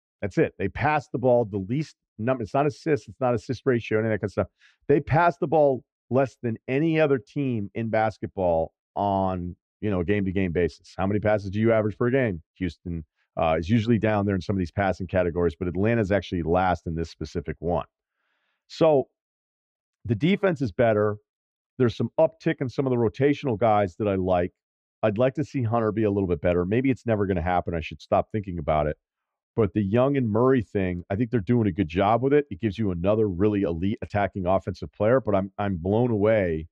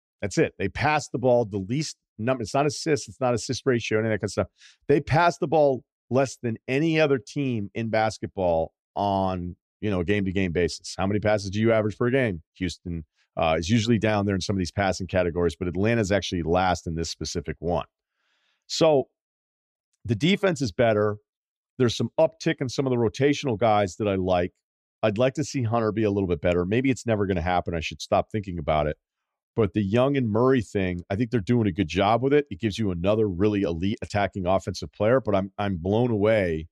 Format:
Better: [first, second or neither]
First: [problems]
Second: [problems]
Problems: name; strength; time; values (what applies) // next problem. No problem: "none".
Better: second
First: muffled; slightly; fading above 3.5 kHz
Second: none